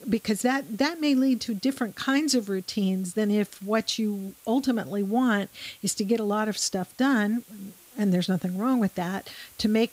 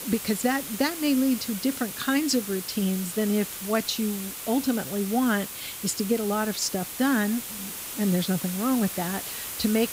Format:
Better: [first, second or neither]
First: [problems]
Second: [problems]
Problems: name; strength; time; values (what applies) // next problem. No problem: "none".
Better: first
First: hiss; faint; throughout; 25 dB below the speech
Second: hiss; loud; throughout; 7 dB below the speech